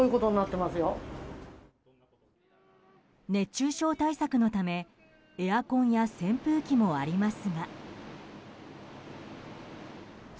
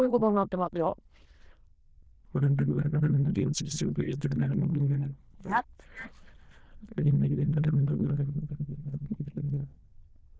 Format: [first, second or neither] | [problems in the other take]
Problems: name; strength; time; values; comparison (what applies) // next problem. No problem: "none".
first | noise reduction (neural diffusion model UNIVERSE++)